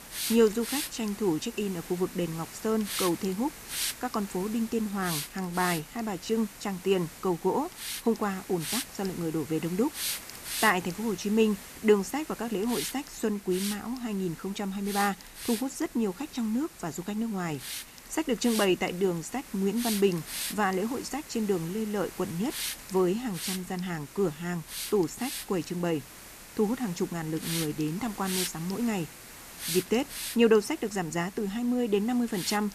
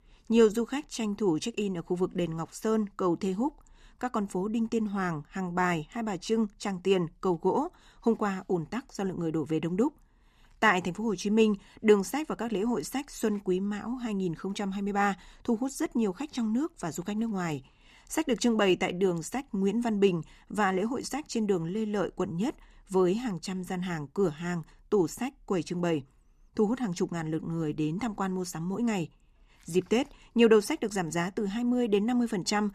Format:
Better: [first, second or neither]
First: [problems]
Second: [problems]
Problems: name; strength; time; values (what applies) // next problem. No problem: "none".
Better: second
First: hiss; loud; throughout; 7 dB below the speech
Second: none